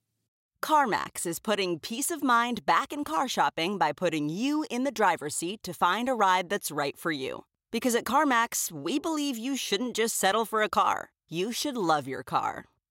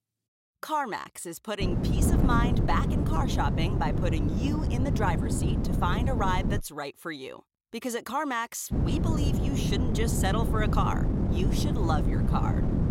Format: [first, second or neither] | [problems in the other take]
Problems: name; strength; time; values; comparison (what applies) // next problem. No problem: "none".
first | wind noise on the microphone; heavy; from 1.5 to 6.5 s and from 8.5 s on; 4 dB below the speech